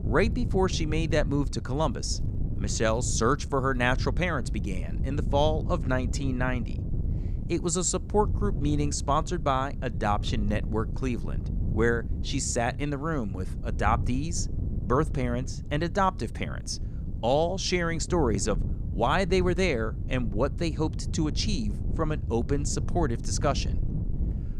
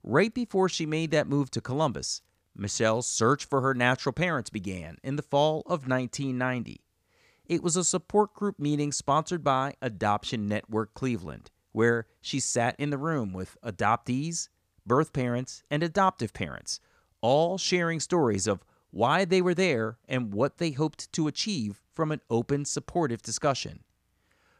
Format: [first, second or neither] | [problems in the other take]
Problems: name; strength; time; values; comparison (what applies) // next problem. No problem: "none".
second | wind noise on the microphone; occasional gusts; 15 dB below the speech